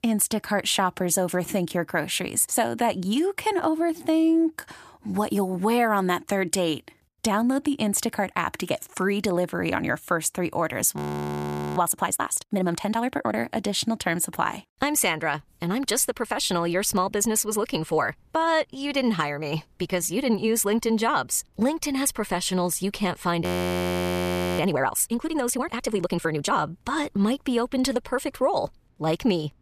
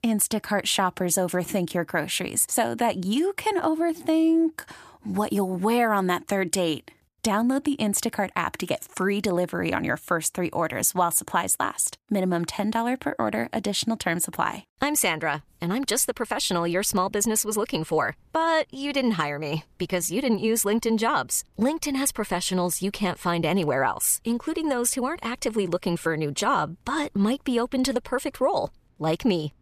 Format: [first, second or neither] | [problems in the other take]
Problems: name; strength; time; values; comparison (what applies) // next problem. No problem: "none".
second | audio freezing; at 11 s for 1 s and at 23 s for 1 s